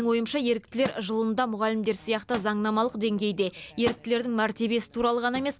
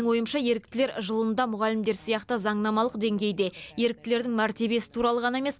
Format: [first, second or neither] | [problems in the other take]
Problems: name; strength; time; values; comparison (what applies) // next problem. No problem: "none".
second | background sound (Thump, thud); 17 dB below the speech